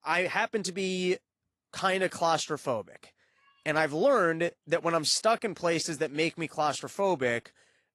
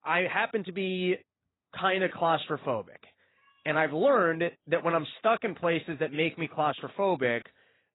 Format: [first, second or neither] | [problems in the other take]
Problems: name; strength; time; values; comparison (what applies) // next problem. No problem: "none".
first | garbled, watery; badly; nothing above 4 kHz; slightly in the first